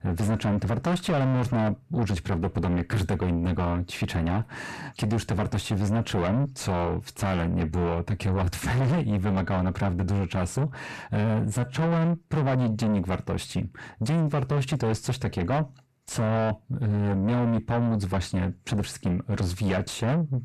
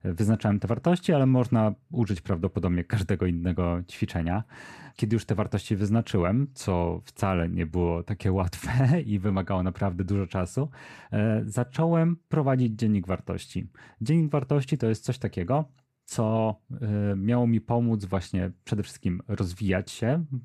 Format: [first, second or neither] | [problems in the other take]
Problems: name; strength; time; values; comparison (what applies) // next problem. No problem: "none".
second | distortion; heavy; 6 dB below the speech